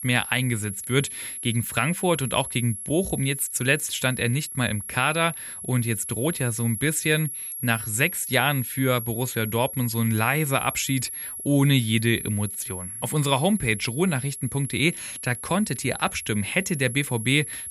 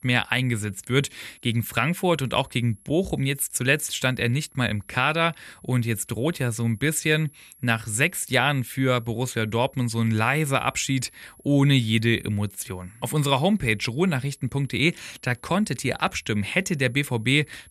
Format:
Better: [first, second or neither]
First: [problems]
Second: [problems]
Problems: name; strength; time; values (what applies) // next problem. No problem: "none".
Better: second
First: high-pitched whine; loud; throughout; 11 kHz, 8 dB below the speech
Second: high-pitched whine; faint; throughout; 11 kHz, 30 dB below the speech